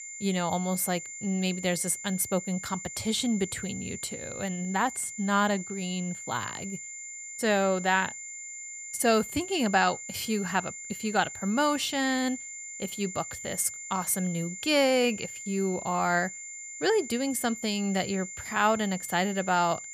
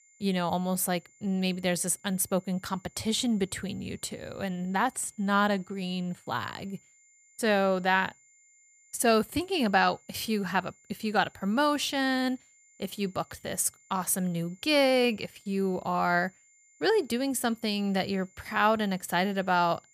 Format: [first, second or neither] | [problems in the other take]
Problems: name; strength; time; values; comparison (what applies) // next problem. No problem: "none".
second | high-pitched whine; loud; throughout; 7 kHz, 10 dB below the speech; faint in the second